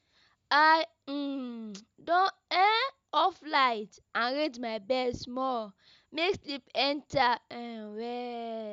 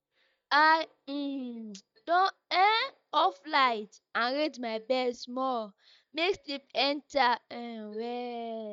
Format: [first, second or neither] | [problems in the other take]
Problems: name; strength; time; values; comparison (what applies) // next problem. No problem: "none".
first | noise reduction (neural mask model DeepFilterNet 3)